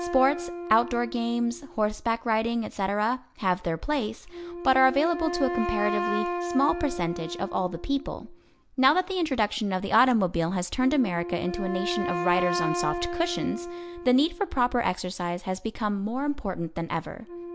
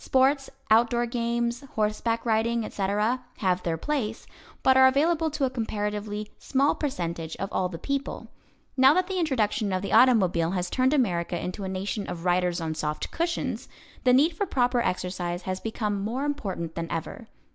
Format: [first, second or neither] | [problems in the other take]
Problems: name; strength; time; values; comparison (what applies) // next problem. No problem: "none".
second | background sound (Wind instrument, woodwind instrument); 8 dB below the speech